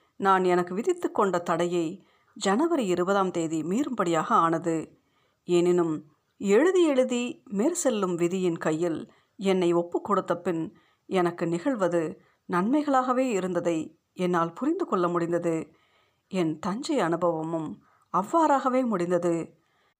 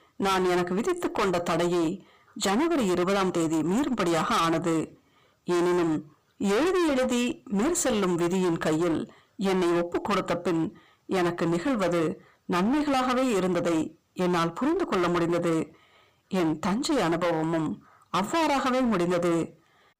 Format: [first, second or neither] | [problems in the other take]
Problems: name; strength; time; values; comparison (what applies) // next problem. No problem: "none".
first | distortion; heavy; 31% of the sound clipped